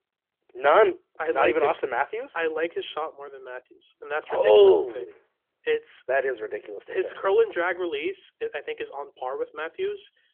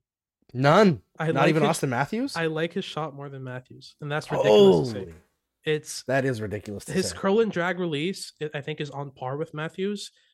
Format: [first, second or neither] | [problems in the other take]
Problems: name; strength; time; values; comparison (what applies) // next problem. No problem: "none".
second | phone-call audio; nothing above 3.5 kHz